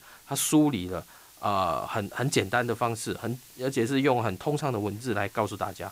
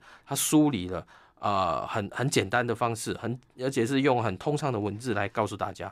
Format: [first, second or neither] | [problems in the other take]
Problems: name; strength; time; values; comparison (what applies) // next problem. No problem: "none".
second | hiss; faint; throughout; 20 dB below the speech